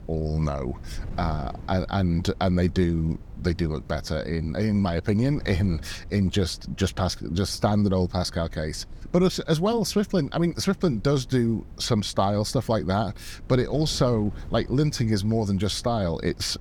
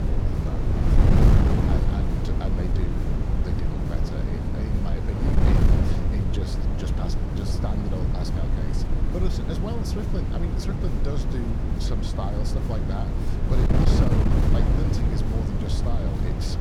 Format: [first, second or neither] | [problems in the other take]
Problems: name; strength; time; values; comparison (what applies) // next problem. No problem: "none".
first | wind noise on the microphone; heavy; 4 dB above the speech; occasional gusts in the first